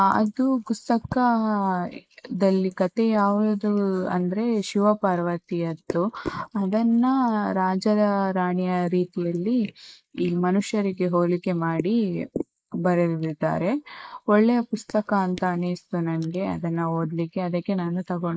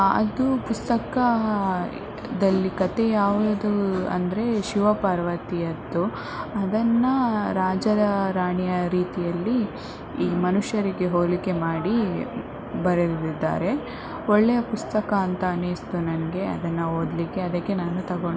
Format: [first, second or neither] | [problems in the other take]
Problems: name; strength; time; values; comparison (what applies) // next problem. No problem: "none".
second | noise reduction (neural mask model Resemble Enhance denoiser)